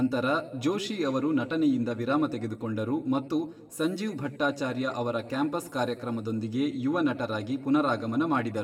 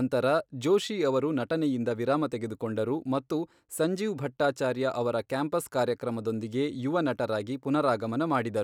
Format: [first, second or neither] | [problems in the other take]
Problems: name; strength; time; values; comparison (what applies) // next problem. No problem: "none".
second | room echo; dies away in 1.4 s